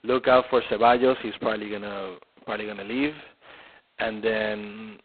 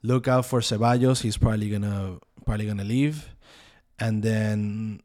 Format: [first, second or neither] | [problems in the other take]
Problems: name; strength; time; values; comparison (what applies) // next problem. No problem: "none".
second | phone-call audio; poor line; nothing above 4 kHz